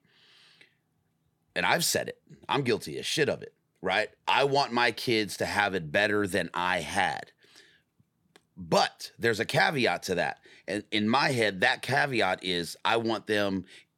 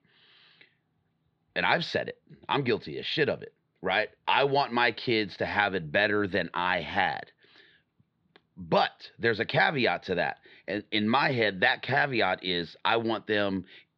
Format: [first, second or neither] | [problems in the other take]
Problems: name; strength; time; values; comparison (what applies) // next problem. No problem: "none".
first | muffled; very slightly; fading above 4 kHz